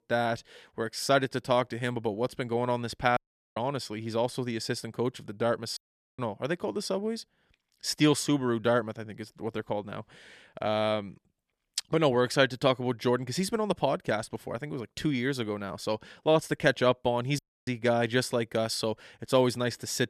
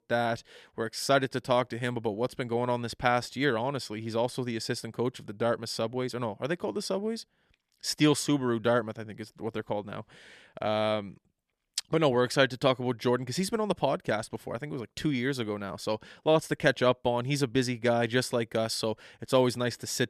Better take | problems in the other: second | audio cutting out; at 3 s, at 6 s and at 17 s

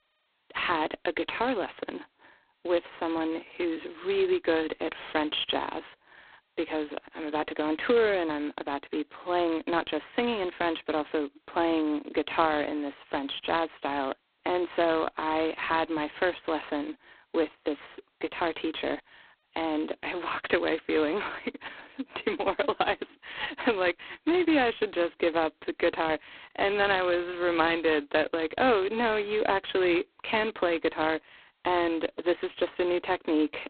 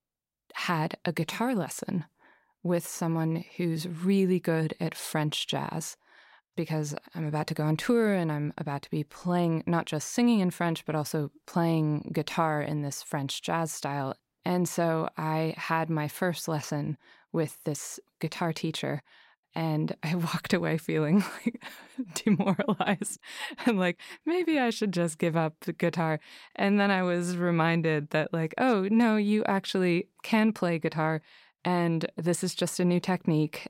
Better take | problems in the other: second | phone-call audio; poor line; nothing above 4 kHz

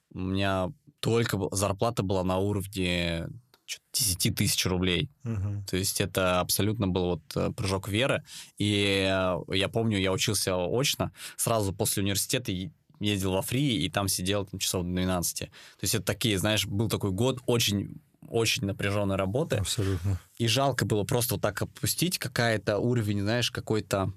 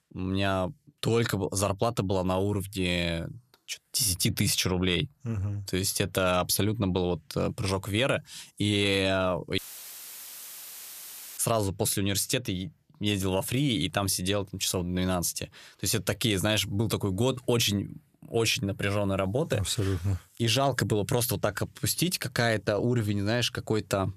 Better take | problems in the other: first | audio cutting out; filled with static; at 9.5 s for 2 s

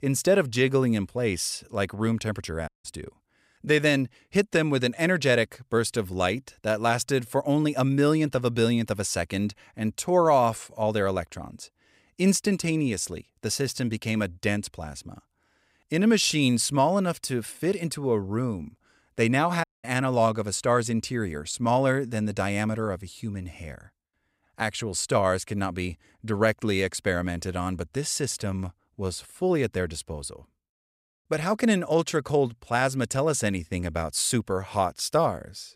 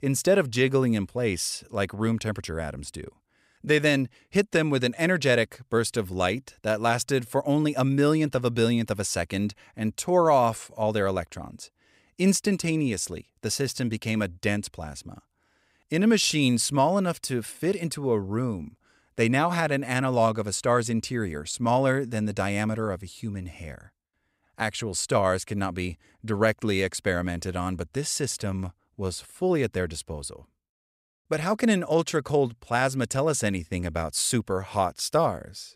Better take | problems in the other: second | audio cutting out; at 2.5 s and at 20 s

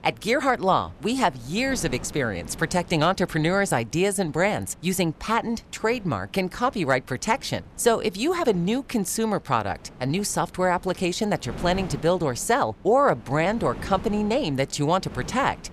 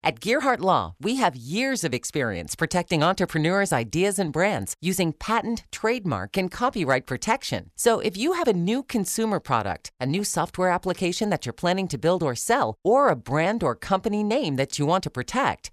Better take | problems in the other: second | wind noise on the microphone; occasional gusts; 20 dB below the speech

